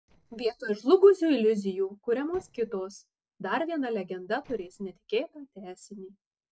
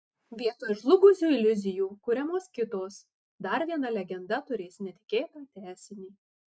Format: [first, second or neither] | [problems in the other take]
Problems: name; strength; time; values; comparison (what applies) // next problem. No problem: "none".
second | noise reduction (neural separator model SepFormer DNS4)